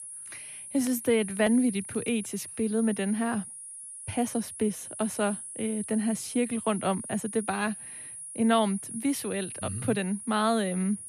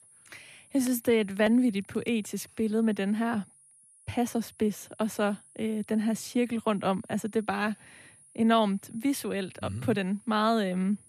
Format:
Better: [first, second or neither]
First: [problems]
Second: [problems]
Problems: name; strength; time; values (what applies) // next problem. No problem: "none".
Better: second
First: high-pitched whine; loud; throughout; 10.5 kHz, 9 dB below the speech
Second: high-pitched whine; faint; throughout; 10.5 kHz, 25 dB below the speech